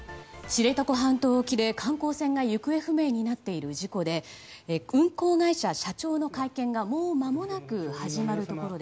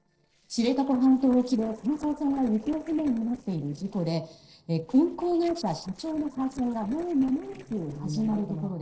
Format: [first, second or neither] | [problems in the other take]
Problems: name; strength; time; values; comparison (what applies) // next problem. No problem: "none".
first | noise reduction (neural separator model SepFormer DNS4)